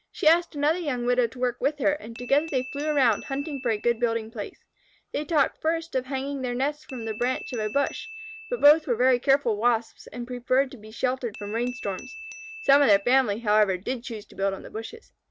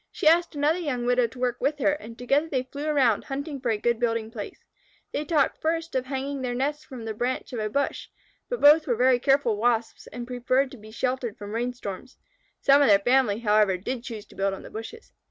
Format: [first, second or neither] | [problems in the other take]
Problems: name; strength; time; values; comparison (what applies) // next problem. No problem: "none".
second | background sound (Glass / Bell); 17 dB below the speech